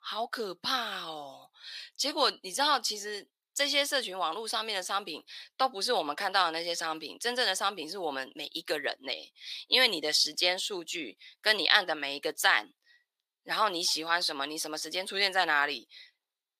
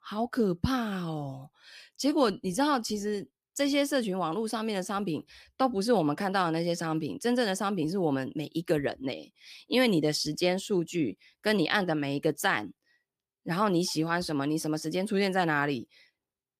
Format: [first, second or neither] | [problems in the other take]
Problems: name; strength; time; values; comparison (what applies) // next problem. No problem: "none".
second | thin; very; fading below 700 Hz